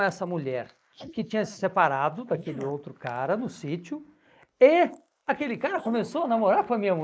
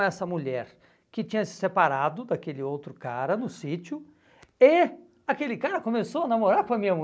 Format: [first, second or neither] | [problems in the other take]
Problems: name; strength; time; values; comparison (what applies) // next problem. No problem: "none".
second | noise reduction (neural mask model Resemble Enhance denoiser)